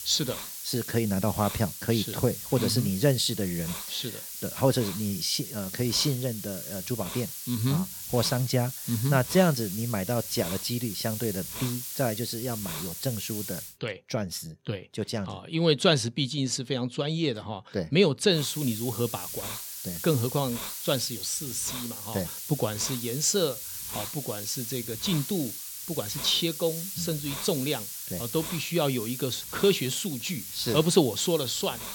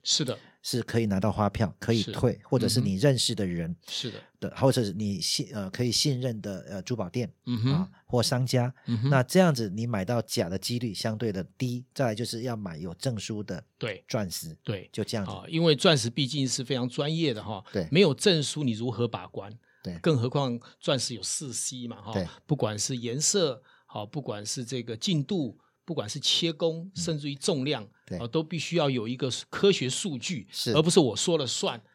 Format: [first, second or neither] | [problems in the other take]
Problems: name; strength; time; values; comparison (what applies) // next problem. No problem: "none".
second | hiss; loud; until 14 s and from 18 s on; 7 dB below the speech